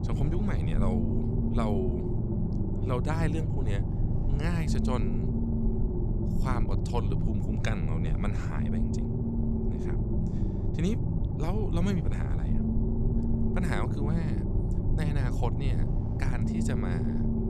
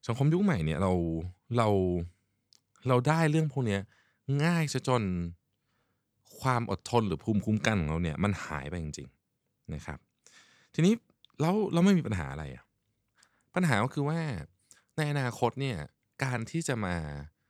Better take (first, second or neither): second